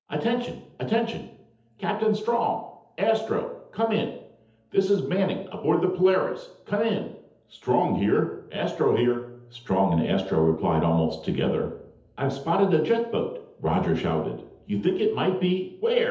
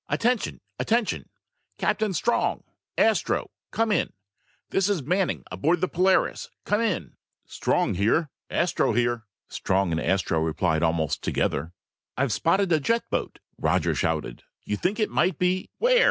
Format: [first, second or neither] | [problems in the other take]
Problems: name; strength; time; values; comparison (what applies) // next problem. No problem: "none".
second | room echo; dies away in 0.8 s